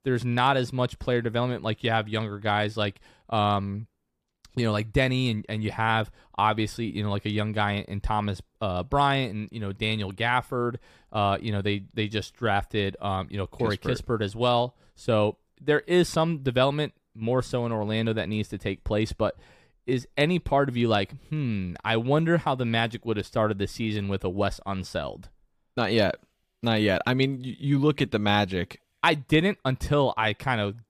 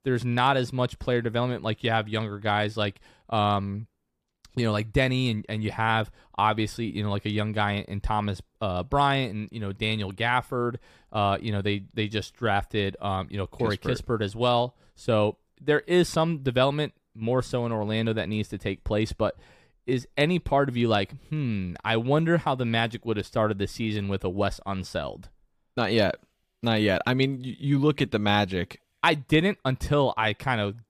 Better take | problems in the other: neither | none

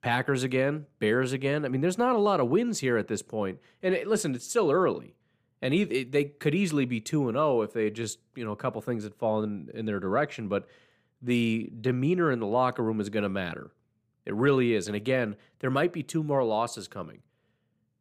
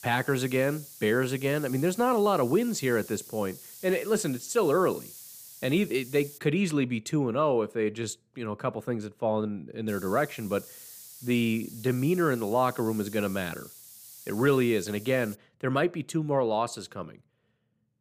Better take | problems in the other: first | hiss; noticeable; until 6.5 s and from 10 to 15 s; 15 dB below the speech

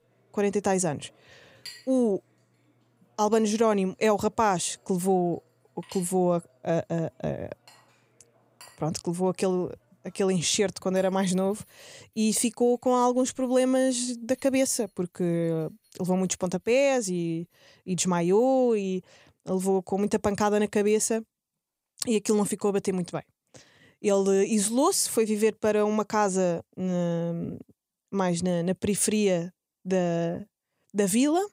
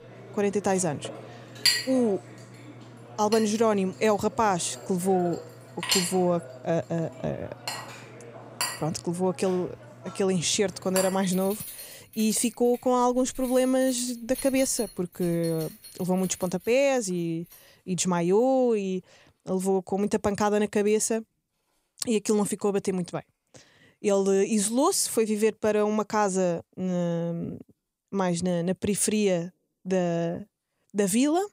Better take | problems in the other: first | household noises; loud; throughout; 9 dB below the speech; faint in the first

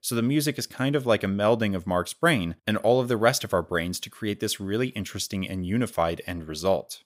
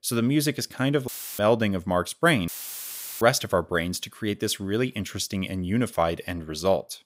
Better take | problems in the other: first | audio cutting out; filled with static; at 1 s and at 2.5 s for 0.5 s

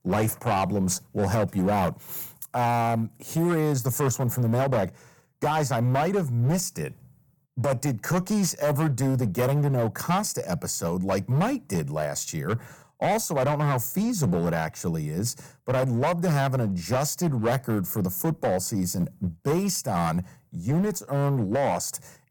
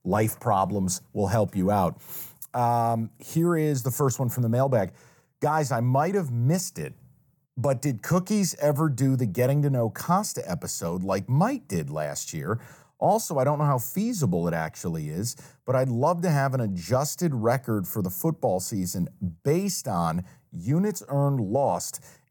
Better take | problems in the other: second | distortion; slight; 13% of the sound clipped

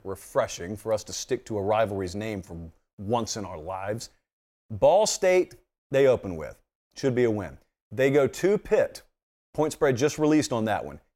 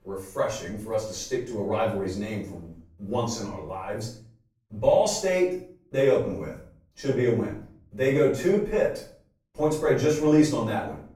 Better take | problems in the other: first | off-mic speech; far // room echo; noticeable; dies away in 0.4 s

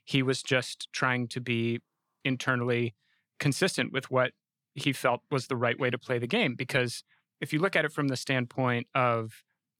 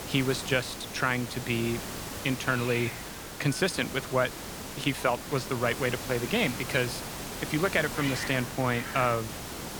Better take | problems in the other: first | hiss; loud; throughout; 7 dB below the speech

